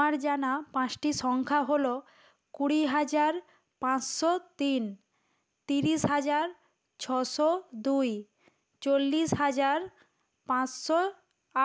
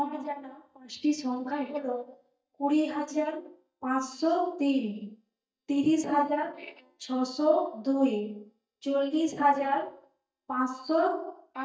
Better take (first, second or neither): first